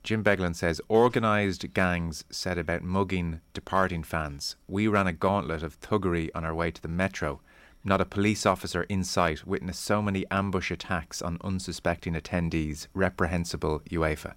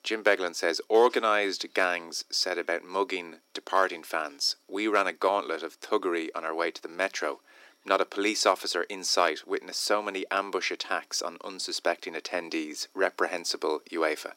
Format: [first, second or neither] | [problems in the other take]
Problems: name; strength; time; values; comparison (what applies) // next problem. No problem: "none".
first | thin; very; fading below 300 Hz